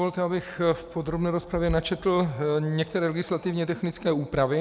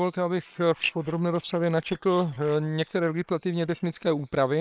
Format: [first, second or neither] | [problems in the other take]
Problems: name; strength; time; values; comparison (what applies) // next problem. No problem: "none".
first | noise reduction (neural separator model SepFormer WHAM!)